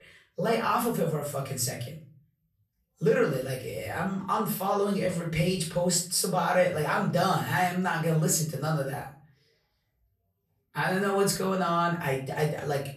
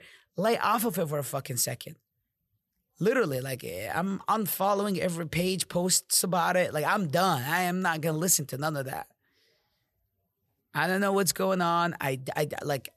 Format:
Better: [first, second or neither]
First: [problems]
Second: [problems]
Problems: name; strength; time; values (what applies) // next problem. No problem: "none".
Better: second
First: room echo; slight; dies away in 0.4 s // off-mic speech; far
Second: none